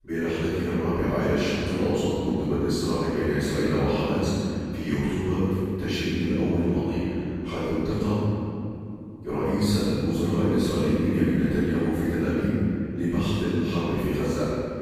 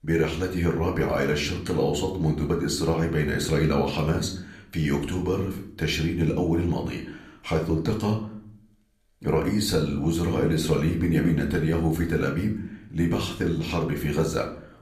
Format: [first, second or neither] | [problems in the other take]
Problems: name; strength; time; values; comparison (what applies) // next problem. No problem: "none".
second | room echo; strong; dies away in 2.9 s; slight in the second // off-mic speech; far; somewhat distant in the second